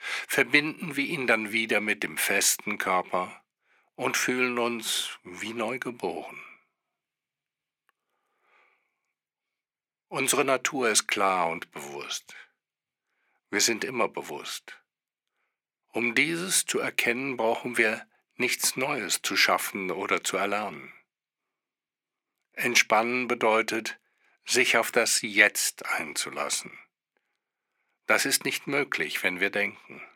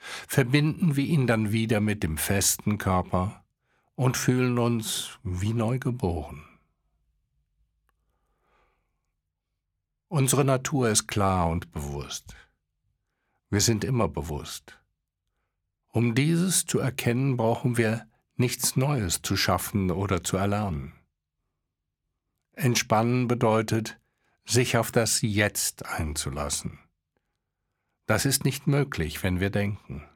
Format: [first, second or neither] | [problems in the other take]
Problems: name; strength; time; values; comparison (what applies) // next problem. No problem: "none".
second | thin; somewhat; fading below 300 Hz